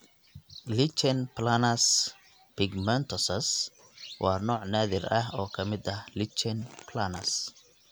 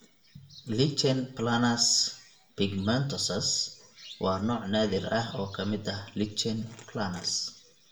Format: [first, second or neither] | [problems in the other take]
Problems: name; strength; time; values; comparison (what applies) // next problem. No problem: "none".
first | room echo; dies away in 0.5 s